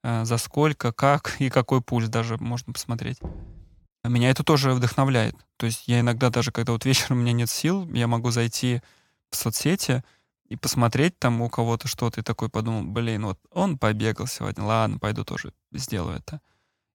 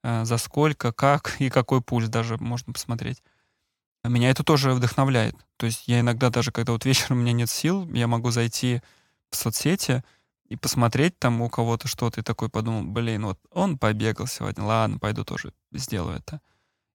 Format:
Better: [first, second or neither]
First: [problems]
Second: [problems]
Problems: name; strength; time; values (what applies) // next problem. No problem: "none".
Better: second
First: door banging; faint; at 3 s; peak 15 dB below the speech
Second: none